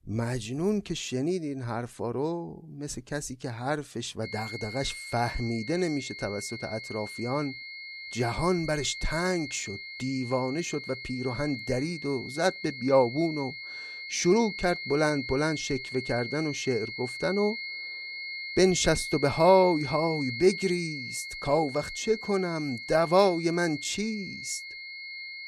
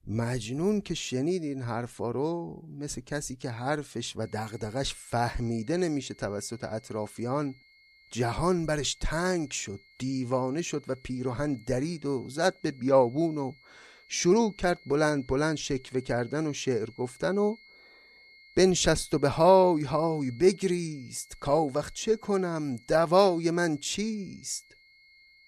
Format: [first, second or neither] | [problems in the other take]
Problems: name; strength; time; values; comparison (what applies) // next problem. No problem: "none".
second | high-pitched whine; loud; from 4 s on; 2 kHz, 8 dB below the speech; faint in the second